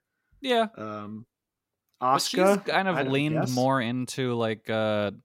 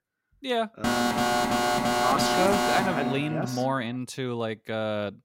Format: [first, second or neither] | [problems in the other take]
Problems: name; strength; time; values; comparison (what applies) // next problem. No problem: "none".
first | alarm; loud; from 1 to 3.5 s; peak 5 dB above the speech